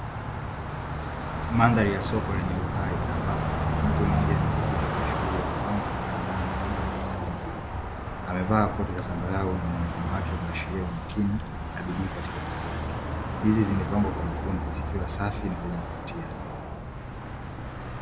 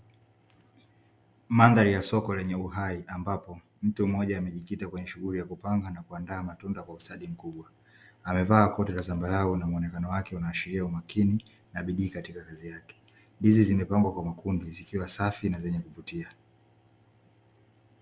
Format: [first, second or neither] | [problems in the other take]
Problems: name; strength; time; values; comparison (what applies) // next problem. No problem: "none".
second | background sound (Car passing by); 1 dB above the speech